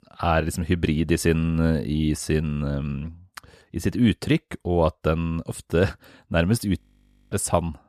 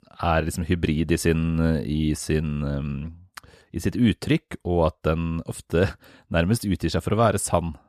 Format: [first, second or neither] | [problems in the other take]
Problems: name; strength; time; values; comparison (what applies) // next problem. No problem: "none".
second | audio freezing; at 7 s for 0.5 s